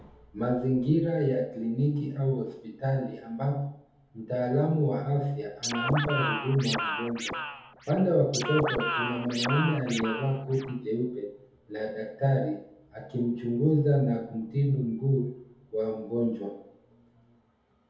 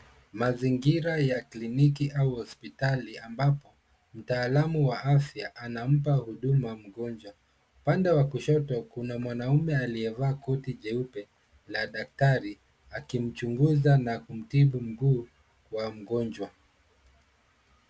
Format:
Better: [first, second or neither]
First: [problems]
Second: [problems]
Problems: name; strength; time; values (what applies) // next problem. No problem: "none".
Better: second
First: background sound (Scratching (performance technique)); 4 dB below the speech // room echo; dies away in 0.8 s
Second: none